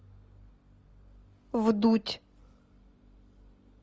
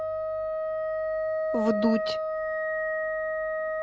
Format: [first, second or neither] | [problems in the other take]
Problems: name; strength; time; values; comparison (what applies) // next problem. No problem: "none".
first | background sound (Wind instrument, woodwind instrument); 5 dB above the speech